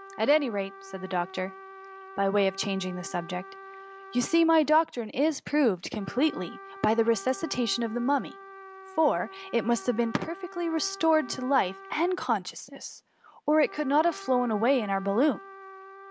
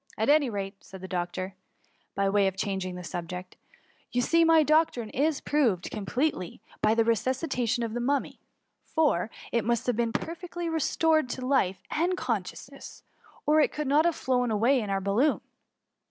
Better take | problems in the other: second | background sound (Trumpet); 17 dB below the speech

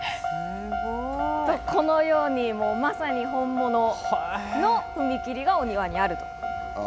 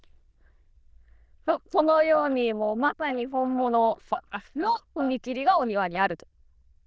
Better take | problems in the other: first | noise reduction (neural diffusion model UNIVERSE++)

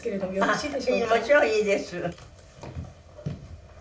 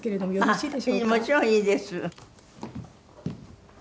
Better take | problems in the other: second | room echo; dies away in 0.2 s

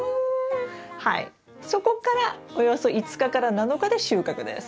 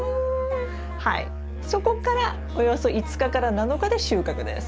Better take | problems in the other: first | background sound (Musical instrument); 6 dB below the speech

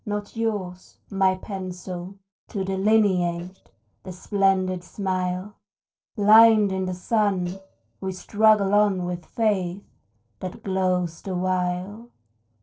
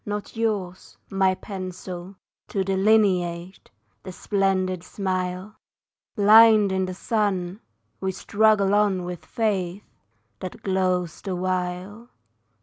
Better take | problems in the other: second | noise reduction (neural separator model SepFormer DNS4)

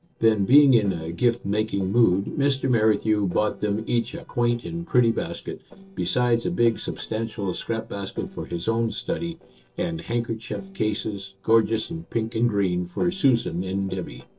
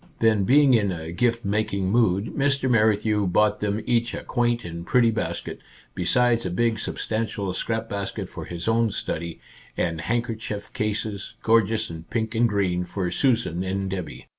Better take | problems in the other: second | noise reduction (neural separator model SepFormer DNS4)

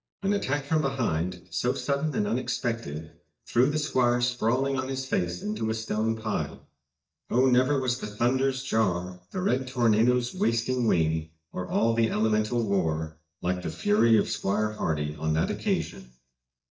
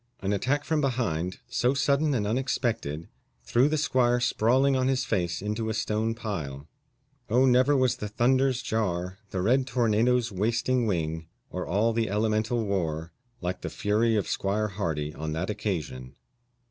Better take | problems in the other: second | noise reduction (neural mask model DeepFilterNet 3)

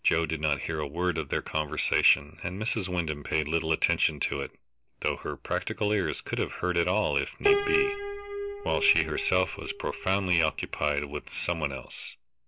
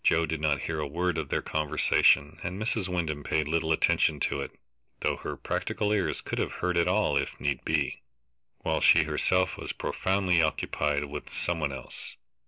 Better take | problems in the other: second | background sound (Piano); 3 dB below the speech

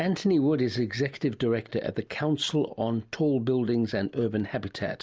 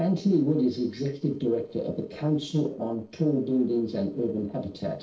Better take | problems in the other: first | noise reduction (neural separator model SepFormer DNS4)

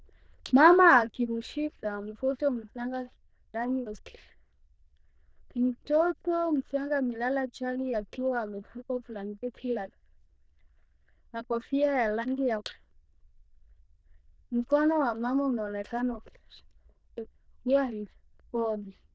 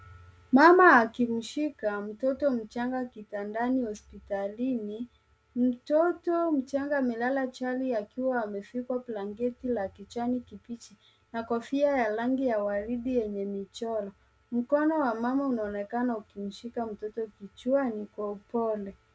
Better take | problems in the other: second | noise reduction (neural diffusion model UNIVERSE++)

